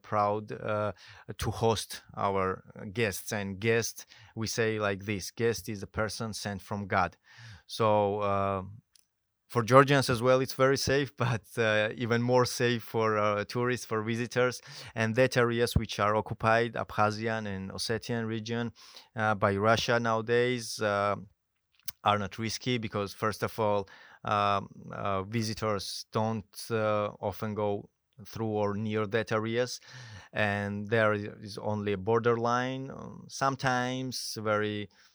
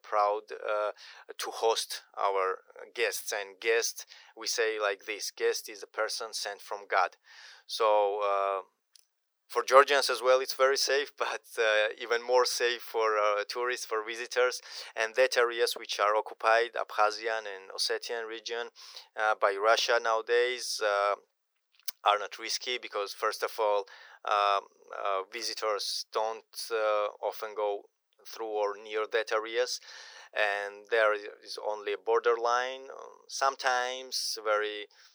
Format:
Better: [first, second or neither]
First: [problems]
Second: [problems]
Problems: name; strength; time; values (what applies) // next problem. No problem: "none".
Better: first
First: none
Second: thin; very; fading below 400 Hz